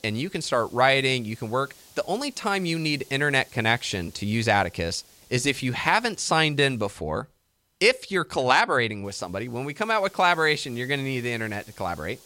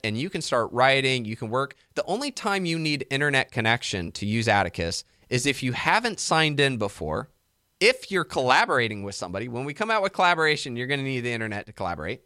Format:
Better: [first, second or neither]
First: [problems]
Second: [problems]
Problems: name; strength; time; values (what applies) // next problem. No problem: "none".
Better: second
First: hiss; faint; until 7 s and from 9 s on; 25 dB below the speech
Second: none